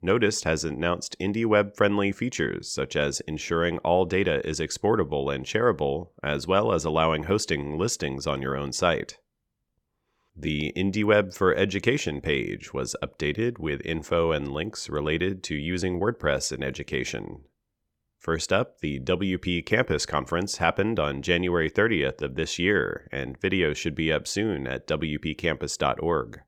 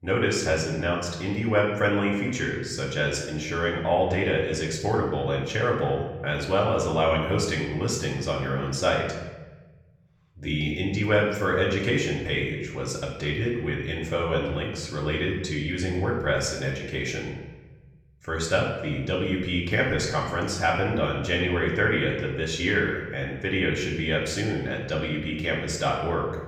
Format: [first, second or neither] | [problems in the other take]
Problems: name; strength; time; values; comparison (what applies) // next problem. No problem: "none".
first | off-mic speech; far // room echo; noticeable; dies away in 1.1 s